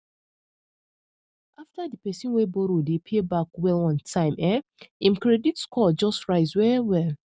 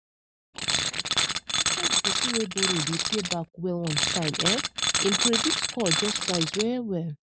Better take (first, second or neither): first